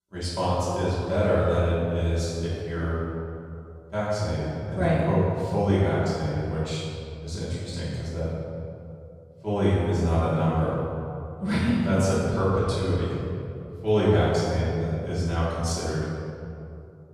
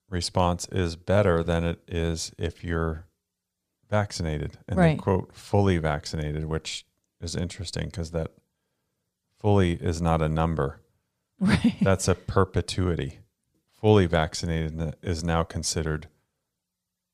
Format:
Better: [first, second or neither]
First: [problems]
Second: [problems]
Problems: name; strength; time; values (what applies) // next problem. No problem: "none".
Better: second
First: room echo; strong; dies away in 2.3 s // off-mic speech; far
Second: none